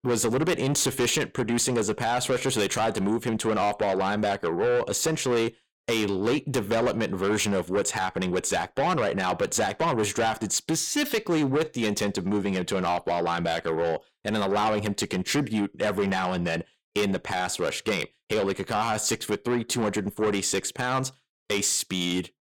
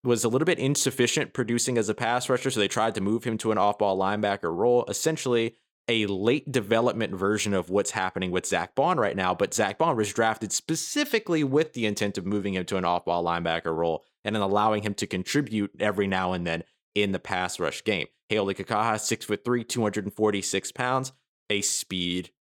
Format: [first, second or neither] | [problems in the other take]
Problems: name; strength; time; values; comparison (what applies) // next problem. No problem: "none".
second | distortion; heavy; 7 dB below the speech